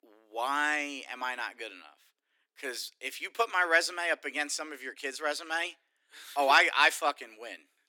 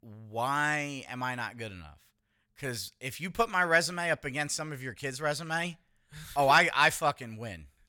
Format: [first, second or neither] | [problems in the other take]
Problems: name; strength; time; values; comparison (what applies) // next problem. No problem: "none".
second | thin; somewhat; fading below 300 Hz